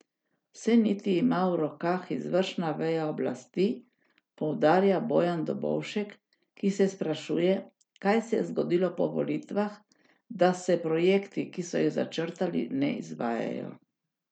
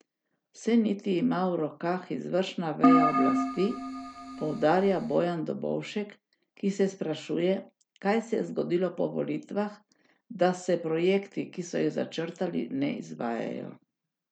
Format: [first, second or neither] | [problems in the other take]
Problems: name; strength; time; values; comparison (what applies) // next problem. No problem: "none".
first | background sound (Keyboard (musical)); 3 dB above the speech